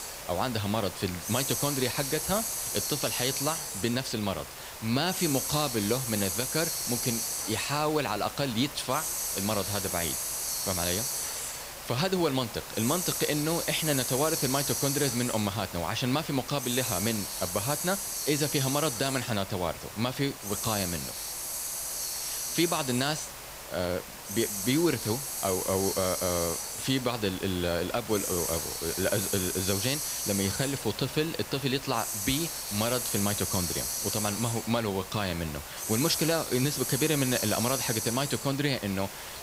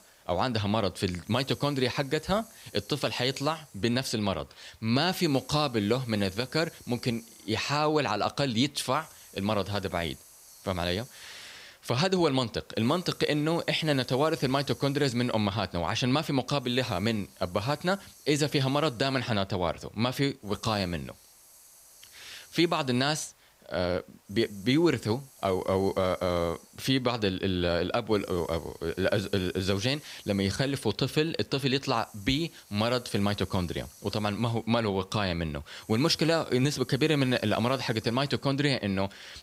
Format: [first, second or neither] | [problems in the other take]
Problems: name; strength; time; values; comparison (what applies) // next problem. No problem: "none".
second | hiss; loud; throughout; 2 dB below the speech; faint in the second